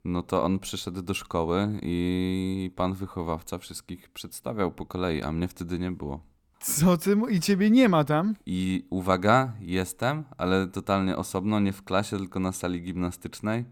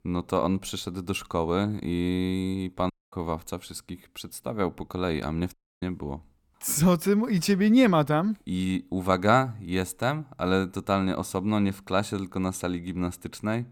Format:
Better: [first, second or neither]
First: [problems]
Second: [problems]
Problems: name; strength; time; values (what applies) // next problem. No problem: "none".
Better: first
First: none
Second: audio cutting out; at 3 s and at 5.5 s